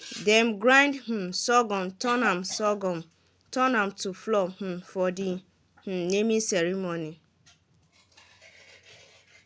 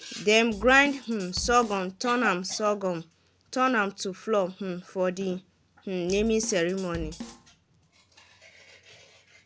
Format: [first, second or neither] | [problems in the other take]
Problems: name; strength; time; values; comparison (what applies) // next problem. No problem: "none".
first | background sound (Drum kit); 15 dB below the speech